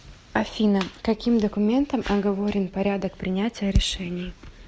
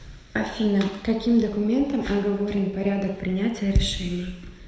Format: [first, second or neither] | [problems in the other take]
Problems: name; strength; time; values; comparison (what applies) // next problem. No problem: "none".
first | room echo; dies away in 1 s